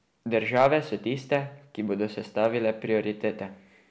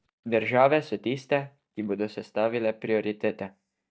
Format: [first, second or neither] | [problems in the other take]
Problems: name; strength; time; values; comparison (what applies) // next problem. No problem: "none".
first | noise reduction (neural mask model DeepFilterNet 3)